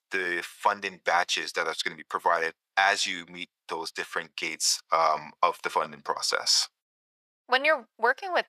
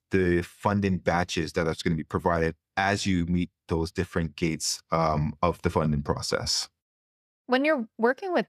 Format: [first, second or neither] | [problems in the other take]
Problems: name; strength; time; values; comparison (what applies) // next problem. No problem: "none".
second | thin; very; fading below 850 Hz